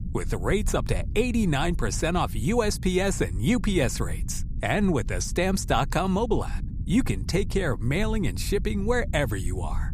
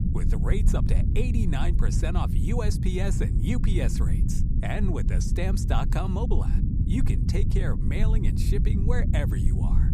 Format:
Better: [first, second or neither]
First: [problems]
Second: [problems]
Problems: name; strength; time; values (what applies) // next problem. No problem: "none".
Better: first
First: low rumble; faint; throughout; 20 dB below the speech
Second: low rumble; loud; throughout; 4 dB below the speech